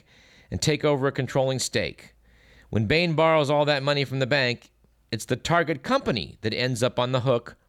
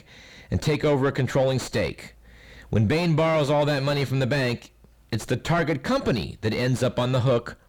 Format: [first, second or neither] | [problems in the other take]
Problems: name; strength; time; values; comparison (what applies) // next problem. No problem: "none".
first | distortion; heavy; 6 dB below the speech